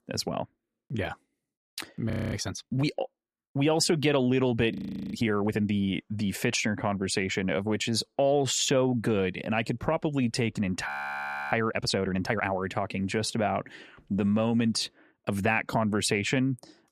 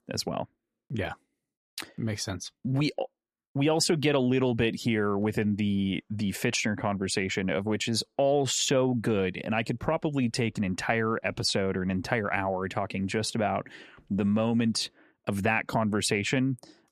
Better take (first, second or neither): second